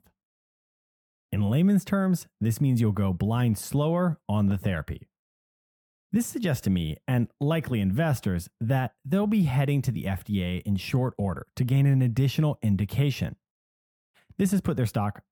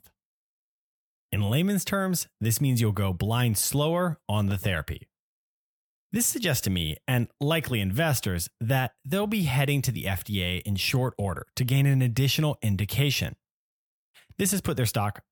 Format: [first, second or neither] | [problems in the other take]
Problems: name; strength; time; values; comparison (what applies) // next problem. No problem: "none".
second | muffled; slightly; fading above 2 kHz